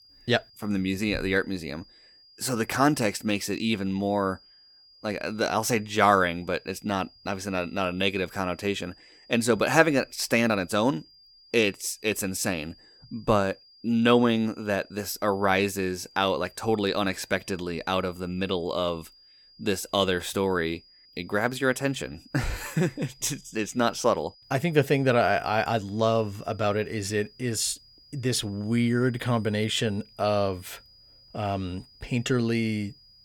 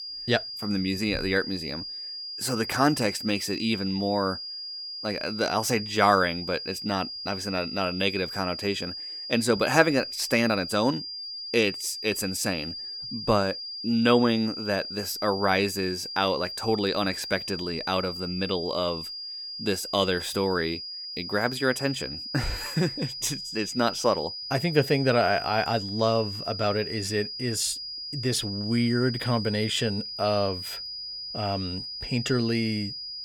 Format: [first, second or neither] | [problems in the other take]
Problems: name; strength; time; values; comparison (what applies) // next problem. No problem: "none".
first | high-pitched whine; loud; throughout; 5 kHz, 7 dB below the speech; faint in the first